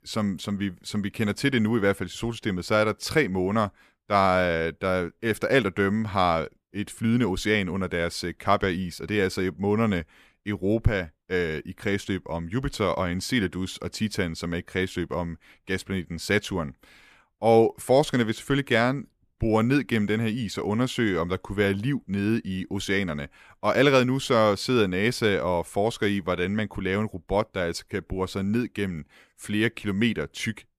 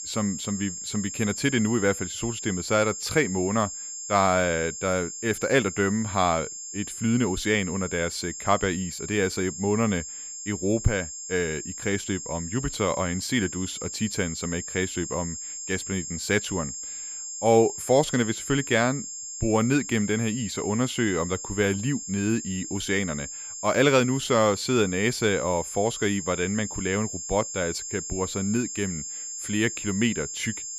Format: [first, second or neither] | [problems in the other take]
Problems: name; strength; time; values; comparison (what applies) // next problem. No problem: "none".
first | high-pitched whine; loud; throughout; 7.5 kHz, 7 dB below the speech